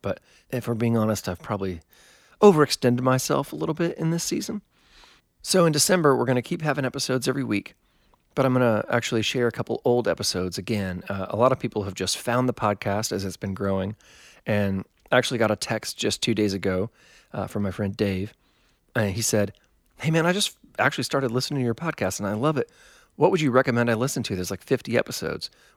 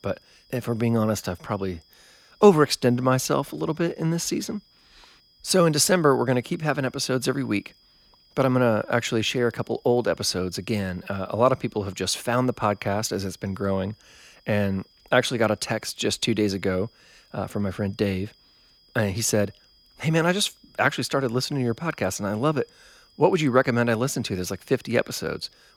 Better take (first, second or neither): first